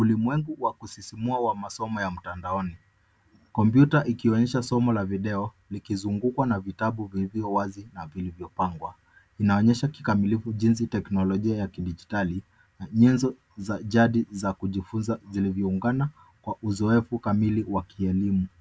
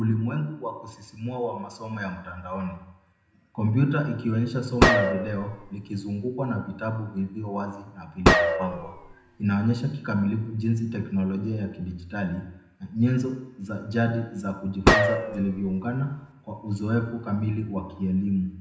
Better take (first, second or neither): first